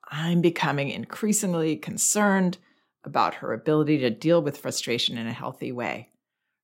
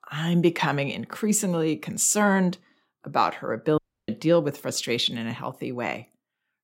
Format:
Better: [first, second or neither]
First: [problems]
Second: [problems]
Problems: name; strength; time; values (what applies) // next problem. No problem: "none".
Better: first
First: none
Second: audio cutting out; at 4 s